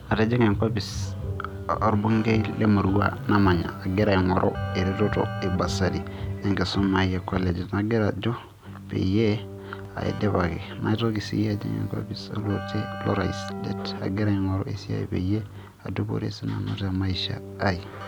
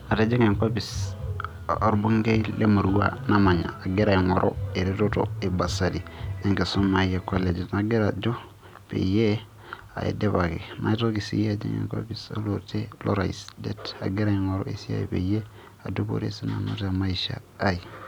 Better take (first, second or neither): second